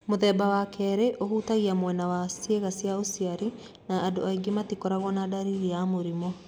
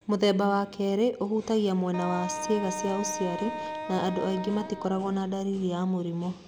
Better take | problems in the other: first | background sound (Wind instrument, woodwind instrument); 8 dB below the speech

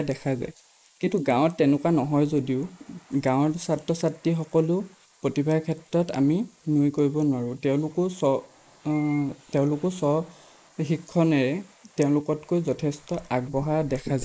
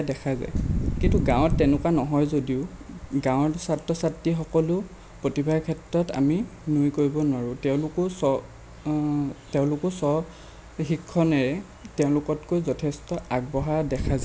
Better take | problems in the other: second | noise reduction (neural mask model Resemble Enhance denoiser)

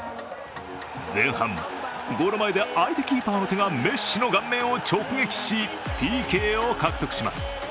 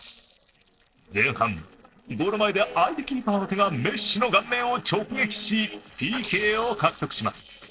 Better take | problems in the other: first | noise reduction (neural separator model SepFormer DNS4)

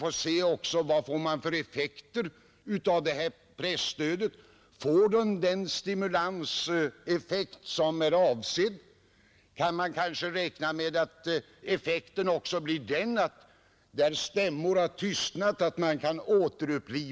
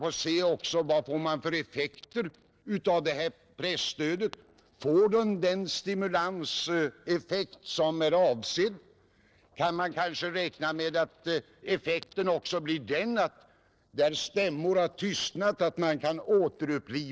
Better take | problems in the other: first | noise reduction (neural separator model SepFormer DNS4)

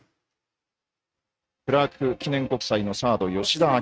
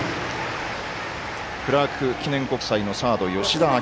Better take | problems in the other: second | noise reduction (neural mask model RNNoise)

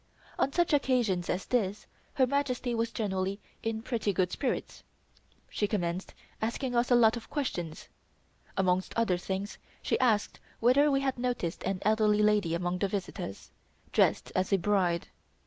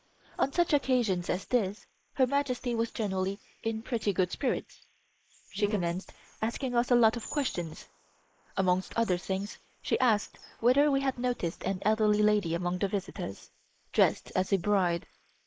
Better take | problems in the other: first | noise reduction (neural mask model Resemble Enhance denoiser)

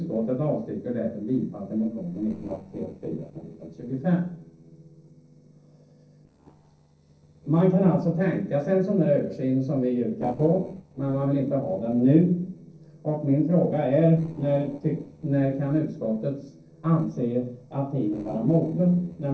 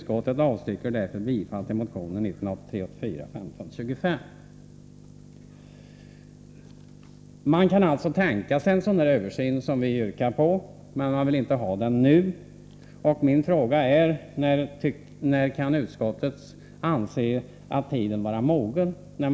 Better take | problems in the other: second | noise reduction (neural separator model SepFormer DNS4)

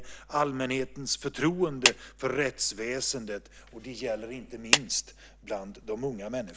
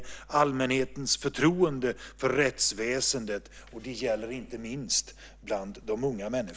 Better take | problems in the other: second | background sound (Clapping); 1 dB above the speech

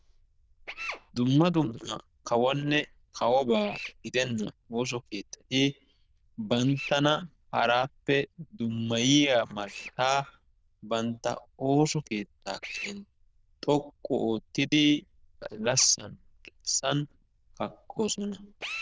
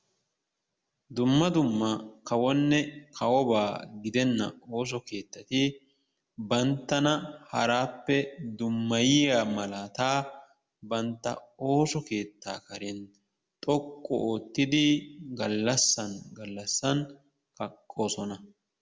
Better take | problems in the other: second | noise reduction (neural diffusion model UNIVERSE++)

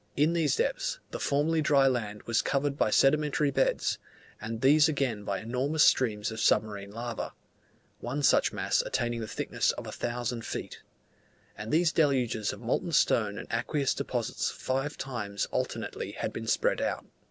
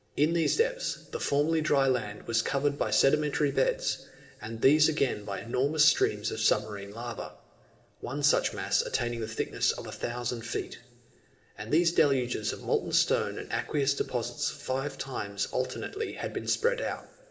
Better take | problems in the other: first | room echo; dies away in 2.6 s

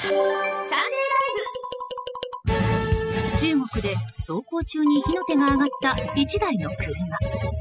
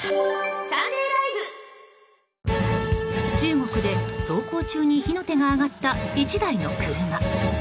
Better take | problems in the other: second | noise reduction (classical method spectral subtraction)

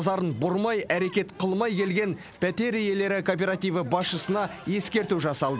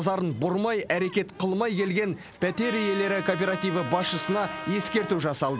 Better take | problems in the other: first | background sound (Trumpet); 10 dB below the speech

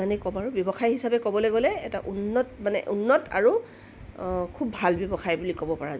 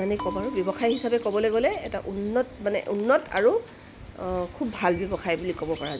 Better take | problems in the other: first | background sound (Bell + Bird); 16 dB below the speech

